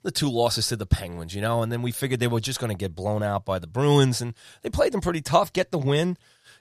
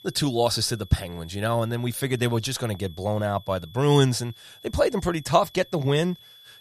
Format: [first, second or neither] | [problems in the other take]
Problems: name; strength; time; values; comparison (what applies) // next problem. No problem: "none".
first | high-pitched whine; faint; throughout; 3.5 kHz, 25 dB below the speech